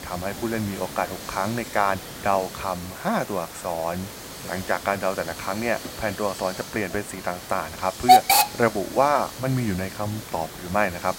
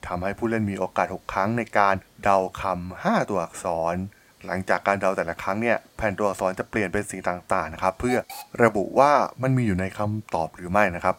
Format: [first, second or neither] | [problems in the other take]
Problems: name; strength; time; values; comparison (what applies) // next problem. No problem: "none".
second | hiss; loud; throughout; 1 dB below the speech; faint in the second